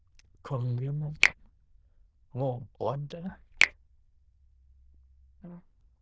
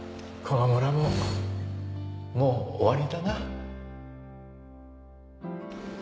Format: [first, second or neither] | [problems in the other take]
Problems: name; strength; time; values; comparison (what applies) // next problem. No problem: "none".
second | noise reduction (neural diffusion model UNIVERSE++)